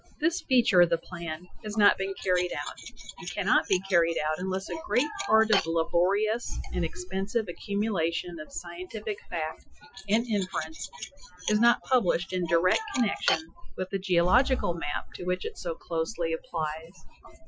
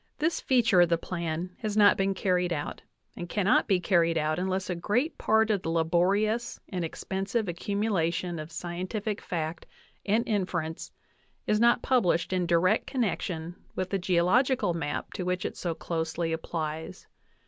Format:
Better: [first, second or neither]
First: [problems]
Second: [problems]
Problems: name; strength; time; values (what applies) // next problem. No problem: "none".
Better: second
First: noise reduction (classical method Wiener filter)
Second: none